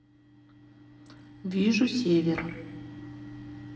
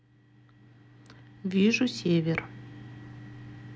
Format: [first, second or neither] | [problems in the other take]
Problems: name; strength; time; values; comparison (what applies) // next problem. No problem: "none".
second | room echo; dies away in 1.2 s